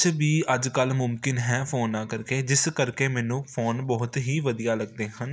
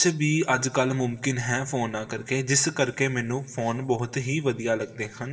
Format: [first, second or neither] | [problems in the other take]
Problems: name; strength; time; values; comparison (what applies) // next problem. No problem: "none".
first | room echo; dies away in 0.6 s